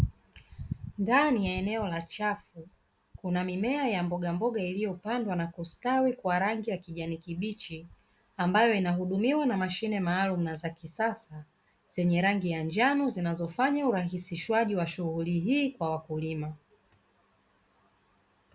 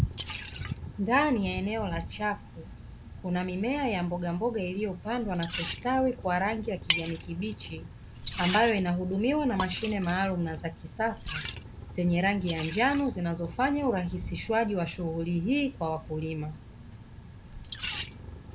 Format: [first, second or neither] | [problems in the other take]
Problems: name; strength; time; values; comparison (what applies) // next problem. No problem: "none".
first | background sound (Liquid); 10 dB below the speech